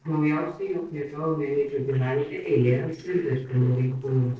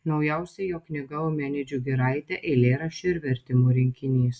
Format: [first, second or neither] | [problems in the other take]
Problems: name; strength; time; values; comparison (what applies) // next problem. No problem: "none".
second | noise reduction (neural separator model SepFormer DNS4)